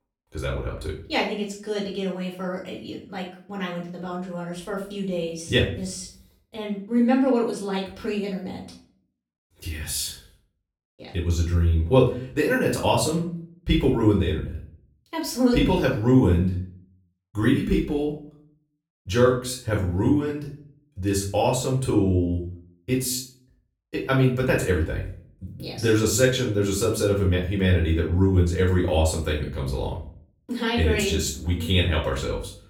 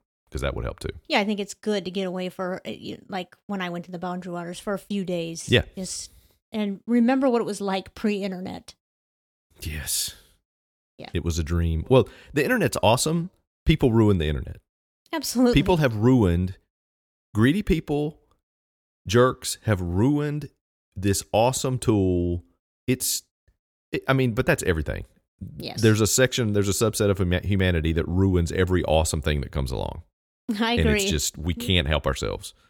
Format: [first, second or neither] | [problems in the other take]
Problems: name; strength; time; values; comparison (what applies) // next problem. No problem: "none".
second | off-mic speech; far // room echo; slight; dies away in 0.4 s